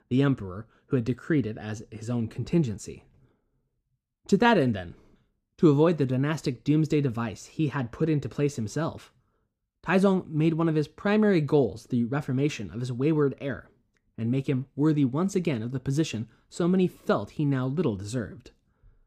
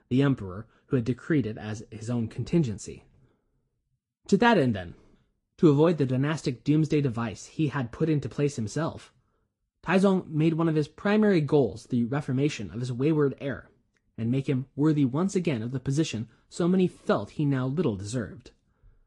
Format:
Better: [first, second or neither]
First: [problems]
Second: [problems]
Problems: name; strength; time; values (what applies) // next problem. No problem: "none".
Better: first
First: none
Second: garbled, watery; slightly